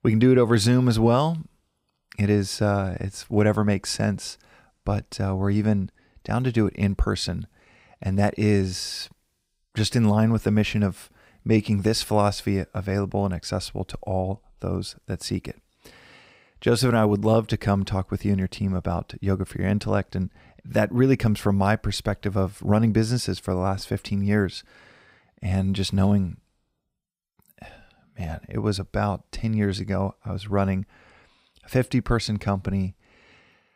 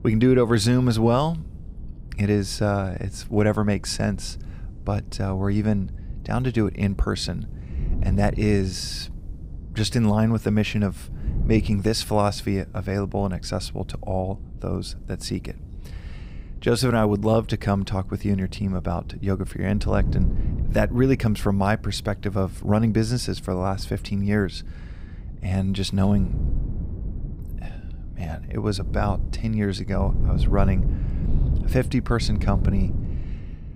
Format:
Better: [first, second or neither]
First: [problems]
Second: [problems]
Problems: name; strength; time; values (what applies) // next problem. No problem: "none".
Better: first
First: none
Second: wind noise on the microphone; occasional gusts; 20 dB below the speech